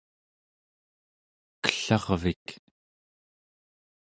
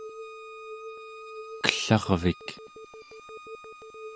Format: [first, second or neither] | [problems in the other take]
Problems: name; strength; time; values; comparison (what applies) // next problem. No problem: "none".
first | background sound (Bowed string instrument + Telephone); 11 dB below the speech